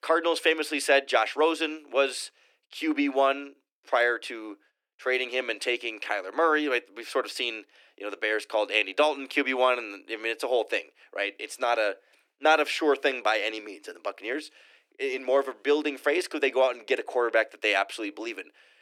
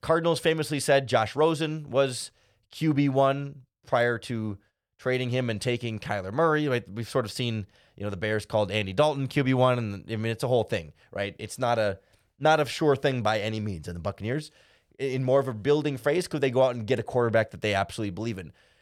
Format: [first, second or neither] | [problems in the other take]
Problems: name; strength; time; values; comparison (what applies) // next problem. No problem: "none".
second | thin; somewhat; fading below 300 Hz